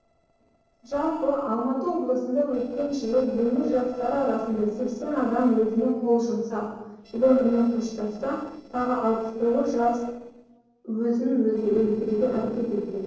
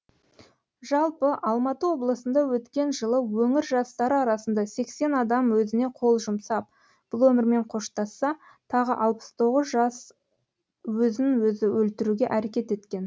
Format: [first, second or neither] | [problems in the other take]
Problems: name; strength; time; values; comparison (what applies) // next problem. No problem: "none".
second | noise reduction (neural separator model SepFormer DNS4)